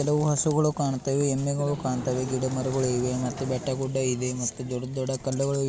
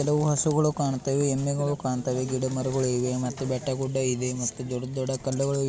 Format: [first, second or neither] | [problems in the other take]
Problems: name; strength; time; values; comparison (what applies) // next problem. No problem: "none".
second | background sound (Wild animals); 17 dB below the speech